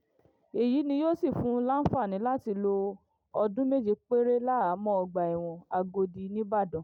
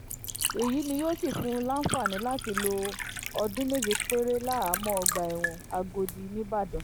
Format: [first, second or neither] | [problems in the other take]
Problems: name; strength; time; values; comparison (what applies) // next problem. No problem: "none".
first | background sound (Liquid); 5 dB below the speech